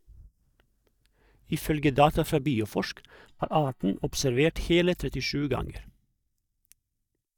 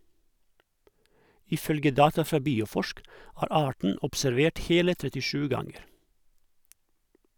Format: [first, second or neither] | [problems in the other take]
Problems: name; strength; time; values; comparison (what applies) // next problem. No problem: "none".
second | noise reduction (neural mask model DeepFilterNet 3)